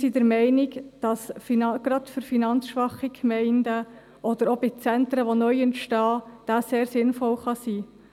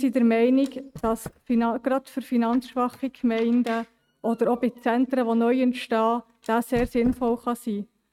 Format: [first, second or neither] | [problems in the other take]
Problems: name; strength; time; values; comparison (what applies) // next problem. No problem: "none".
first | noise reduction (neural mask model RNNoise)